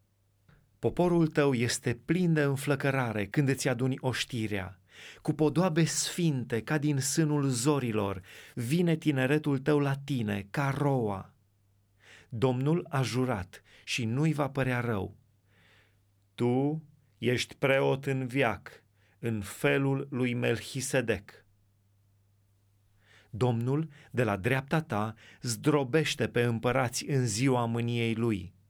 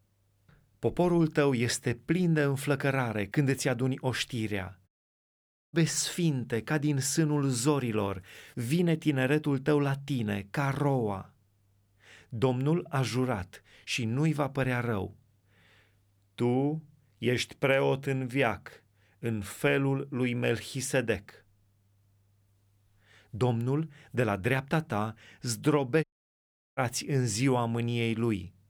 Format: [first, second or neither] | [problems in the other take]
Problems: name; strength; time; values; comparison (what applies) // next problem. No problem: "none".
first | audio cutting out; at 5 s for 1 s and at 26 s for 0.5 s